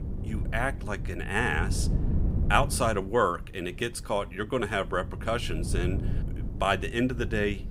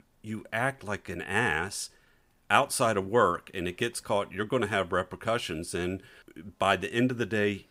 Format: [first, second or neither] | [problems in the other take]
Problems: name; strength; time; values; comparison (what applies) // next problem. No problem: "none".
second | wind noise on the microphone; occasional gusts; 15 dB below the speech